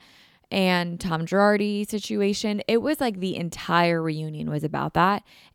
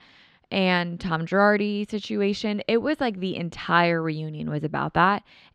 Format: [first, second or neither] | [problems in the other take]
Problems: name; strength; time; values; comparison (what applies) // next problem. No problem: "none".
first | muffled; very slightly; fading above 3.5 kHz